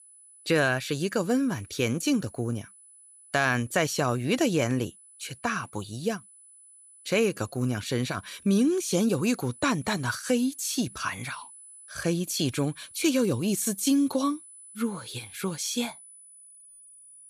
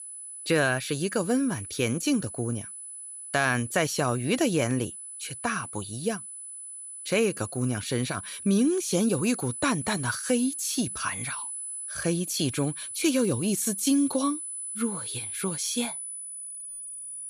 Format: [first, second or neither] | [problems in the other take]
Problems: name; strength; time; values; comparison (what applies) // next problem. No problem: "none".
first | high-pitched whine; loud; throughout; 10 kHz, 8 dB below the speech; faint in the first